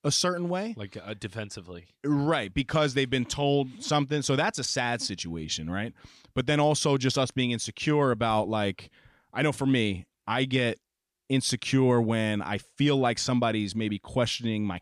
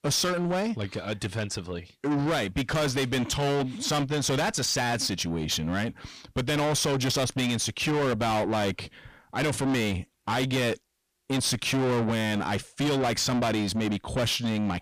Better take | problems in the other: first | distortion; heavy; 6 dB below the speech

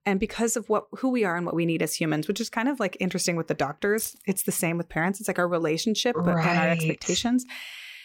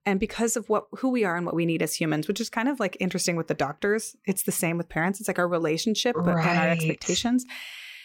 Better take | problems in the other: second | jangling keys; noticeable; at 4 s; peak 9 dB below the speech

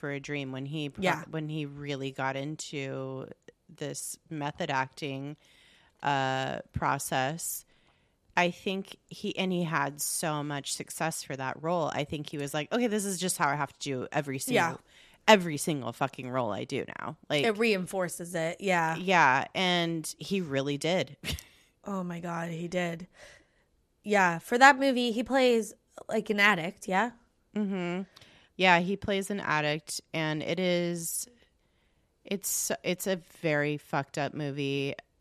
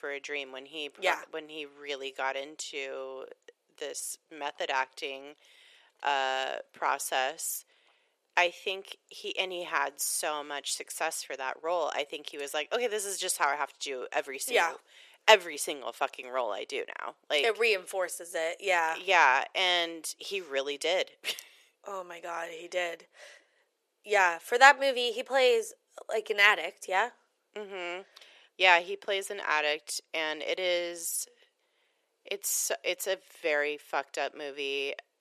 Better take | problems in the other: first | thin; very; fading below 450 Hz

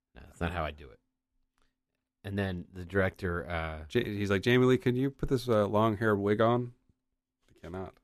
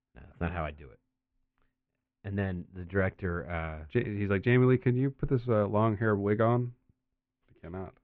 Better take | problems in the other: first | muffled; very; fading above 2.5 kHz

